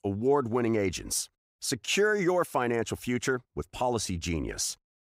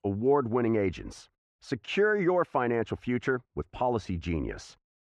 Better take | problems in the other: first | muffled; very; fading above 2 kHz

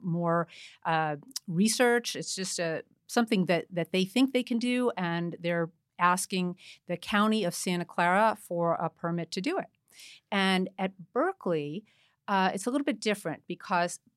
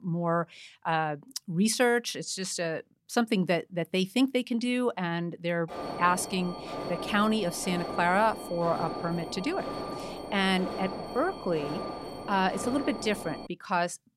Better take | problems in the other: first | alarm; noticeable; from 5.5 to 13 s; peak 6 dB below the speech

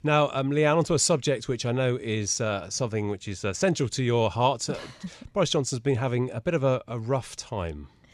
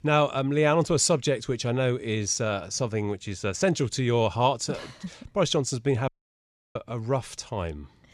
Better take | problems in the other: first | audio cutting out; at 6 s for 0.5 s

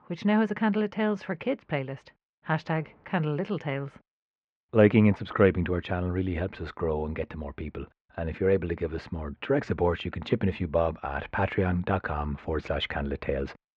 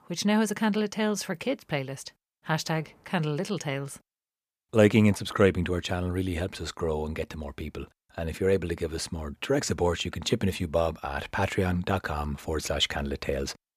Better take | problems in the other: second | muffled; very; fading above 2.5 kHz

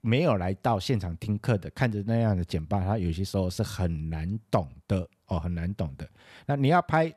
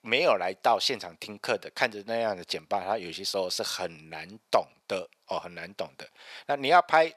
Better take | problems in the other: first | thin; very; fading below 600 Hz

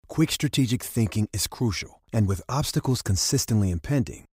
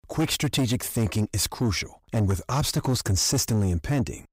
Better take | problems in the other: first | distortion; slight; 10 dB below the speech

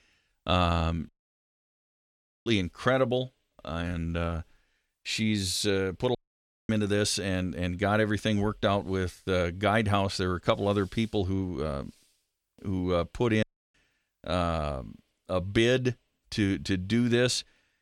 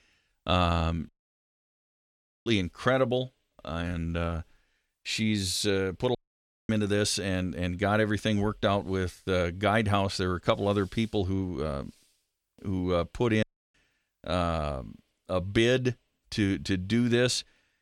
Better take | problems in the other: neither | audio cutting out; at 1 s for 1.5 s, at 6 s for 0.5 s and at 13 s; the same in both

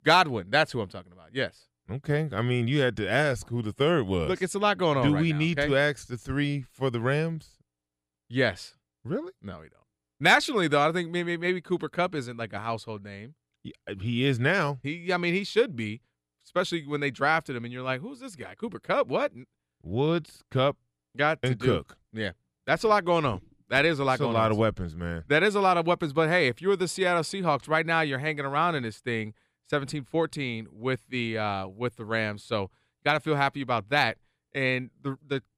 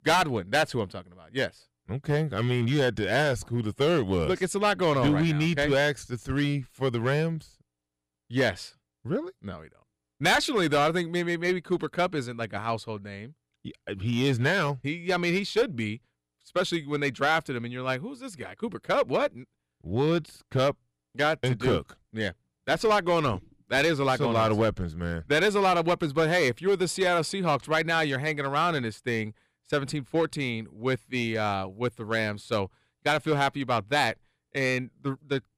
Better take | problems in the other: first | distortion; slight; 4% of the sound clipped

